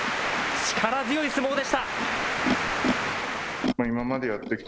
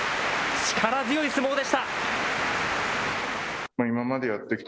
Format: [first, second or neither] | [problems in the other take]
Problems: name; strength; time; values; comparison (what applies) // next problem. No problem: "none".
second | background sound (Animal); 8 dB below the speech